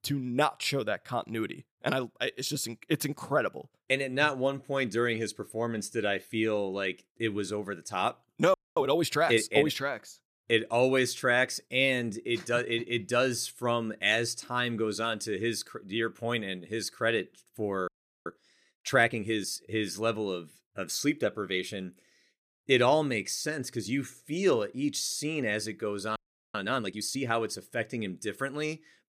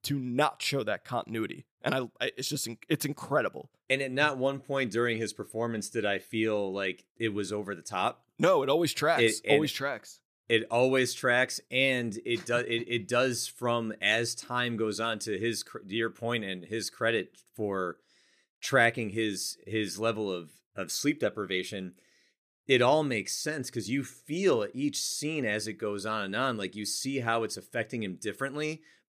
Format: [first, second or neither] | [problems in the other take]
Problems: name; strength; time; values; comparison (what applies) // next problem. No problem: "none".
second | audio freezing; at 8.5 s, at 18 s and at 26 s